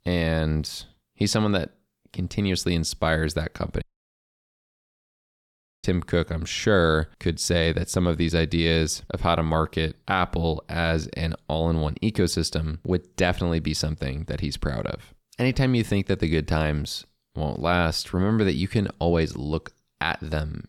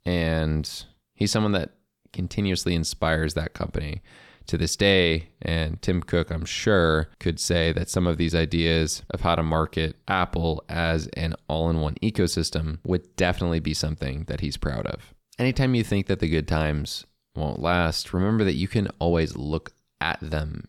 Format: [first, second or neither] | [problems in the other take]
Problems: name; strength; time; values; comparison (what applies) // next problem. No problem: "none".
second | audio cutting out; at 4 s for 2 s